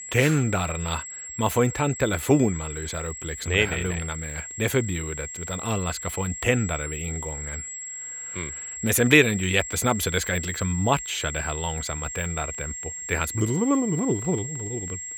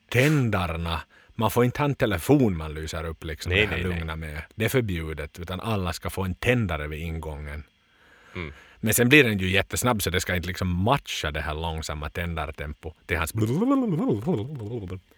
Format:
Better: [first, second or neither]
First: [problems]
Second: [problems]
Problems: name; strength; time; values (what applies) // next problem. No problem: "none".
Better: second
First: high-pitched whine; loud; throughout; 7.5 kHz, 8 dB below the speech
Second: none